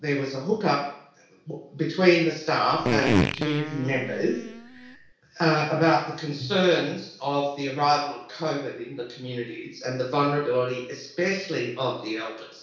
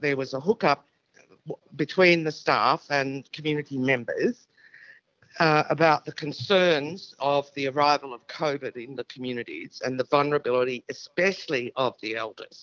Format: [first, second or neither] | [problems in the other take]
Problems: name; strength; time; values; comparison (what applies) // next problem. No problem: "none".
second | background sound (Fart); 1 dB below the speech // room echo; dies away in 0.6 s